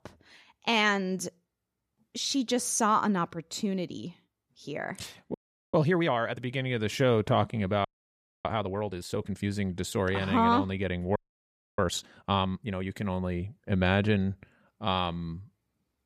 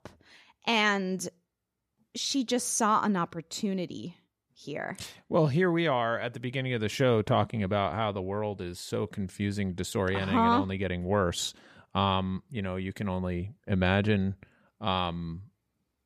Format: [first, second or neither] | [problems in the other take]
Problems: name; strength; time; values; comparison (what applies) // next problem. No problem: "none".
second | audio freezing; at 5.5 s, at 8 s for 0.5 s and at 11 s for 0.5 s